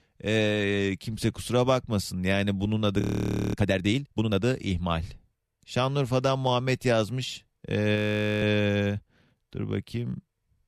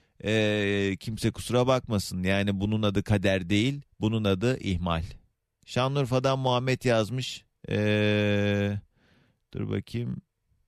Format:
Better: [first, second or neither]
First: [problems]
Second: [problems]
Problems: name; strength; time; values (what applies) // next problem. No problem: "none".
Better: second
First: audio freezing; at 3 s for 0.5 s and at 8 s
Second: none